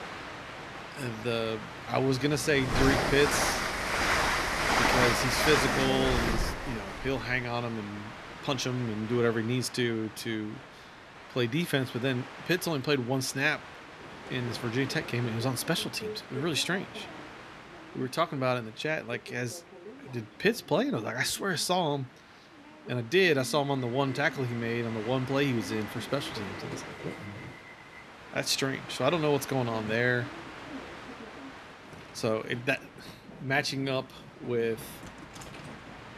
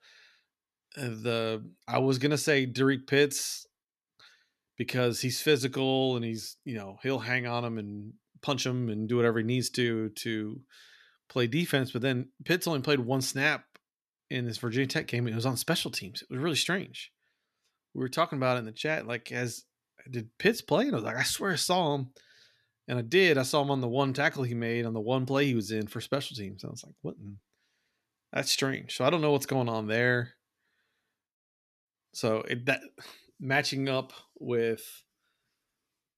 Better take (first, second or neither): second